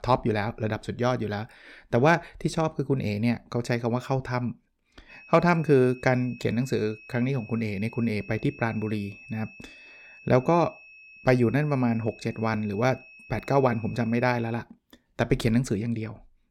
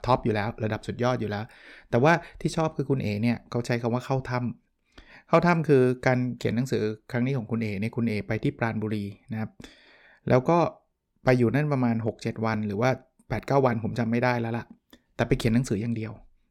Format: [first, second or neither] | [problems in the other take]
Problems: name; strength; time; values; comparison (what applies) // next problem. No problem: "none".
second | high-pitched whine; faint; from 5 to 15 s; 2.5 kHz, 20 dB below the speech